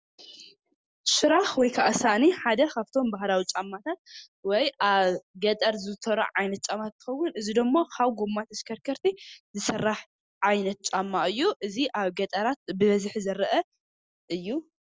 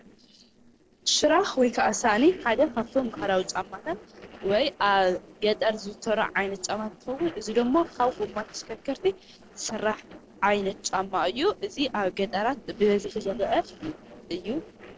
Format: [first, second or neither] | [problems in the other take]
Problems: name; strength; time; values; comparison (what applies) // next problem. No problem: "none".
first | noise reduction (neural separator model SepFormer DNS4)